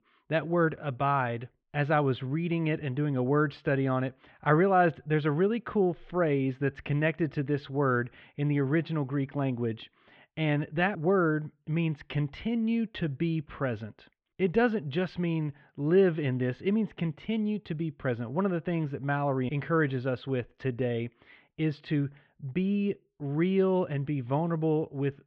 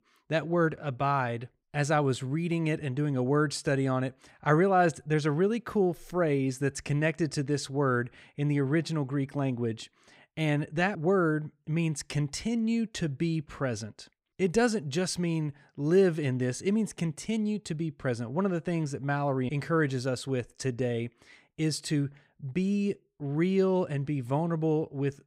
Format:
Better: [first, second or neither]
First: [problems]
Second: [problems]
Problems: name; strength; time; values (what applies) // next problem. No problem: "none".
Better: second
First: muffled; very; fading above 3.5 kHz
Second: none